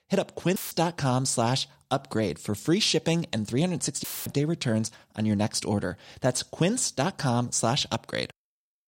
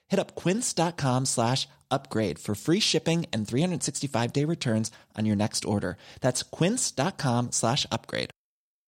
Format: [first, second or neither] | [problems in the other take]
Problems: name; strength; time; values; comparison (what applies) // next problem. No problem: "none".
second | audio cutting out; filled with static; at 0.5 s and at 4 s